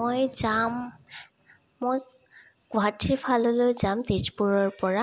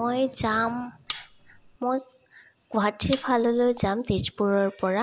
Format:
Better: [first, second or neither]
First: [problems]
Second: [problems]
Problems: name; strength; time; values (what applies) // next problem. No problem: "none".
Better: first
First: none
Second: background sound (Cutlery, silverware); 15 dB below the speech